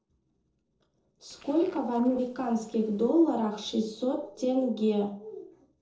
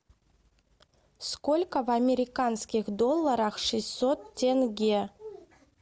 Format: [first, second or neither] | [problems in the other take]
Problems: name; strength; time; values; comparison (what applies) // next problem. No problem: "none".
second | noise reduction (neural separator model SepFormer DNS4)